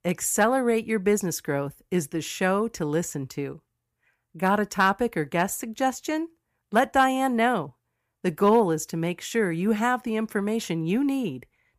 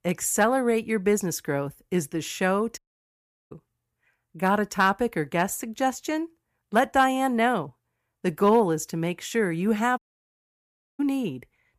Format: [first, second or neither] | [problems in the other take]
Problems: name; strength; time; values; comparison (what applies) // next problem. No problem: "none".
first | audio cutting out; at 3 s for 0.5 s and at 10 s for 1 s